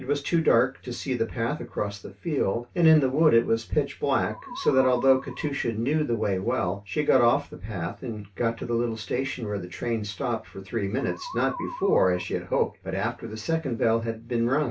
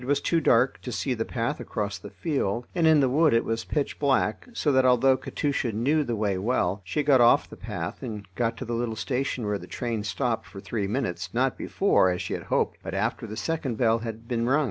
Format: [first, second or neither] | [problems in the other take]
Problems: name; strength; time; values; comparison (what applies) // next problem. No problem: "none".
second | background sound (Musical instrument); 13 dB below the speech // room echo; dies away in 0.2 s